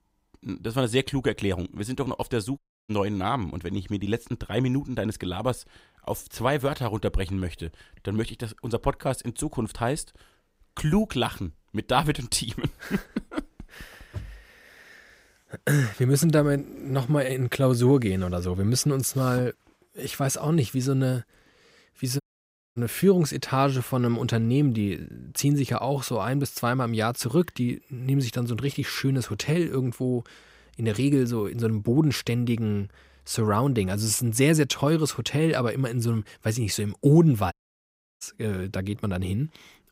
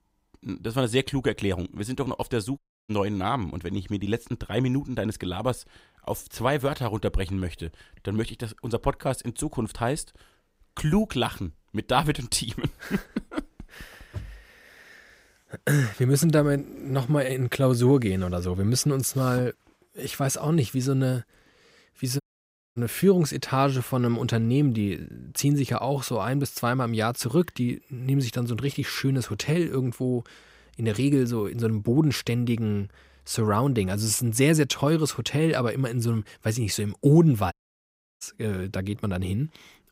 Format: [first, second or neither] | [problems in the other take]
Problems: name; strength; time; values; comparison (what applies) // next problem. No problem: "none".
neither | audio cutting out; at 2.5 s, at 22 s for 0.5 s and at 38 s for 0.5 s; the same in both